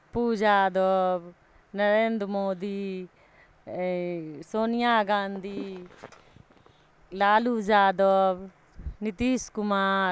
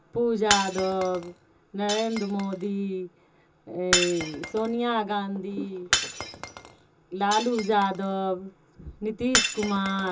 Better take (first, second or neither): first